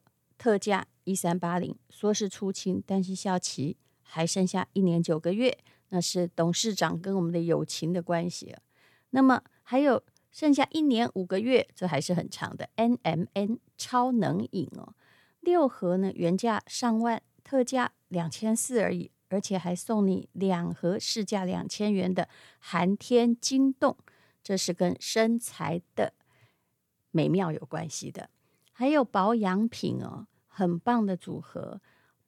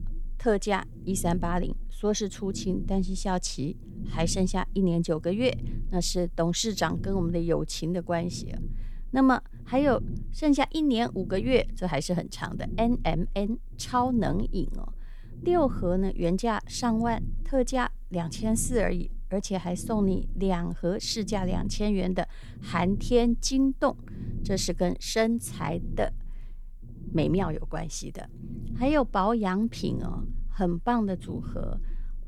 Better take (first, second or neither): first